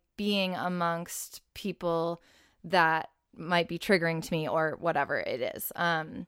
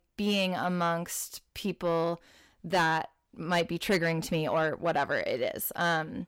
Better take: first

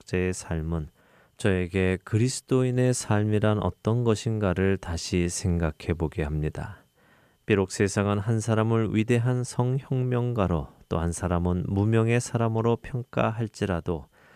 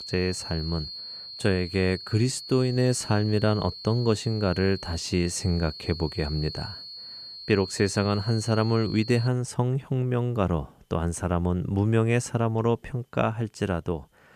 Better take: first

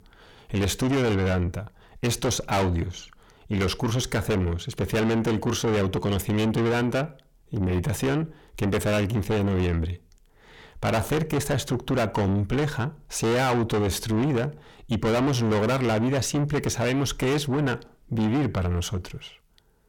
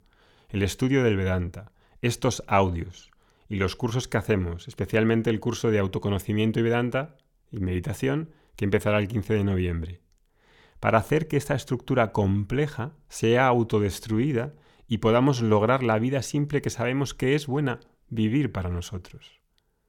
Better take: second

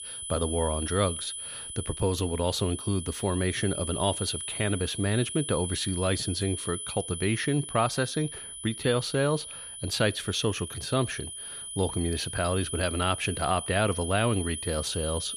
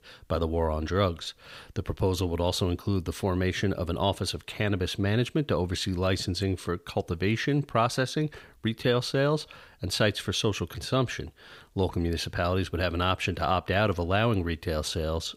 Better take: second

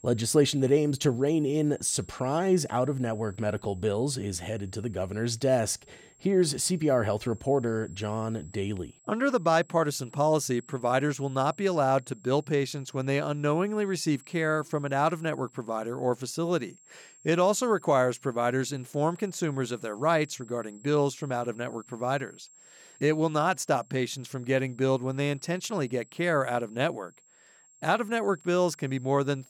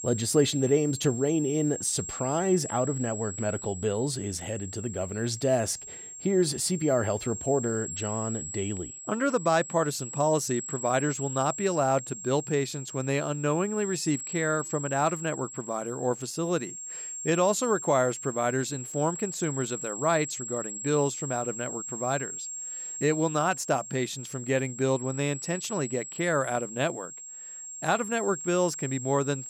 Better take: first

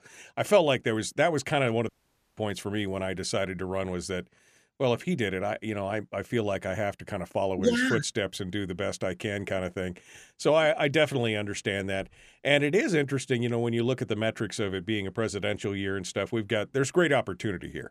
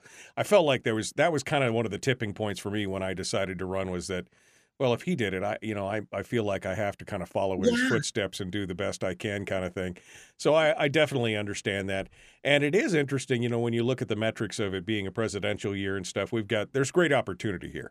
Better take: second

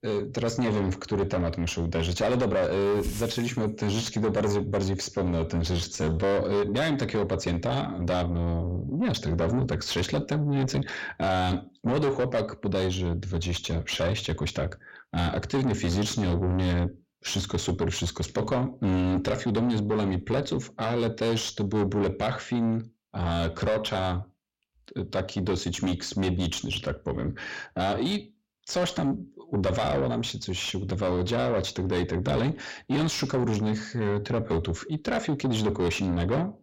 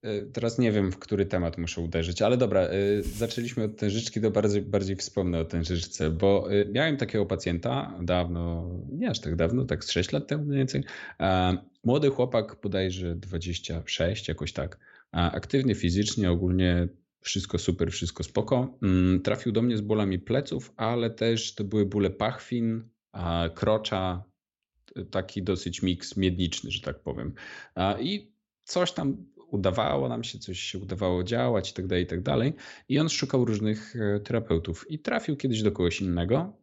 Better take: second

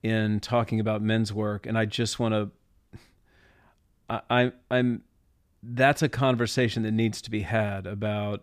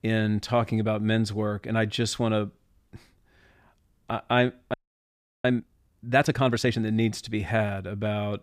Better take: first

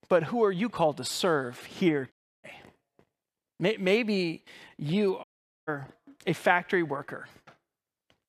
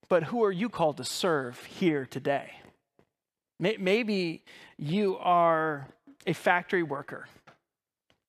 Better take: second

